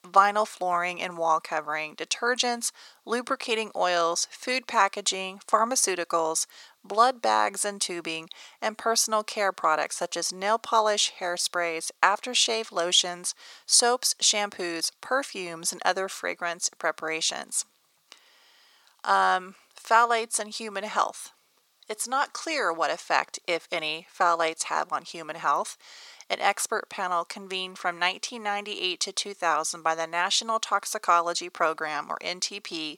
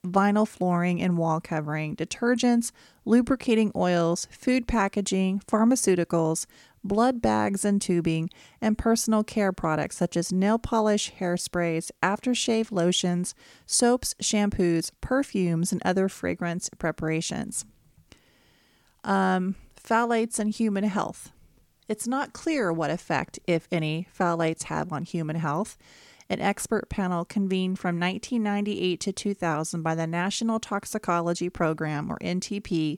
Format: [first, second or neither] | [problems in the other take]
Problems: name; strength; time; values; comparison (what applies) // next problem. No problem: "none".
second | thin; very; fading below 750 Hz